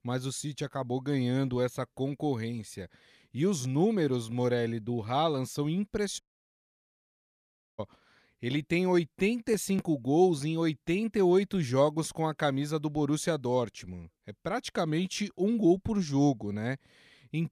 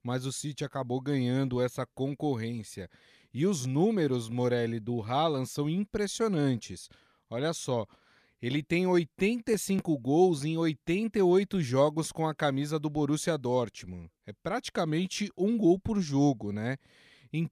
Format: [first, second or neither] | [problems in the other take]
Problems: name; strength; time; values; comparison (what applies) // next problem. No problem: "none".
second | audio cutting out; at 6 s for 1.5 s